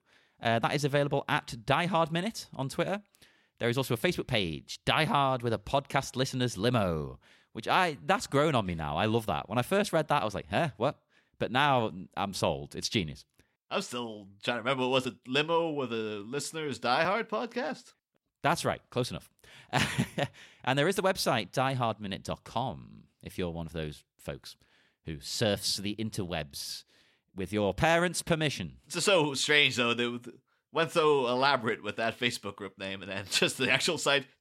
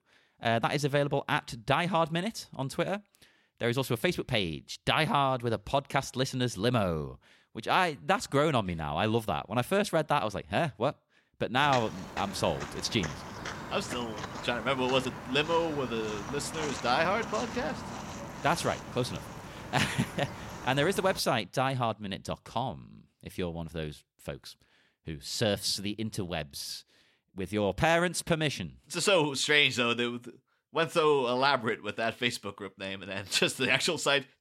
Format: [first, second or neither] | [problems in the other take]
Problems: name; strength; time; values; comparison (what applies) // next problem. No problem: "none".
first | footsteps; noticeable; from 12 to 21 s; peak 7 dB below the speech